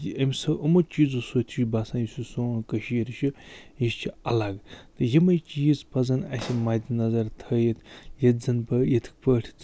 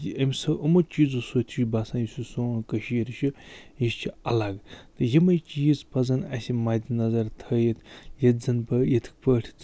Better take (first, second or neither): second